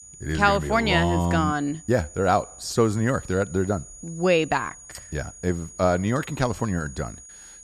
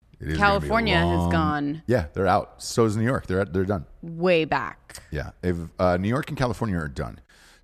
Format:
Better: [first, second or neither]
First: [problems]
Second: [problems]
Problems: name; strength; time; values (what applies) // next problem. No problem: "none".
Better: second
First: high-pitched whine; noticeable; throughout; 7 kHz, 20 dB below the speech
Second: none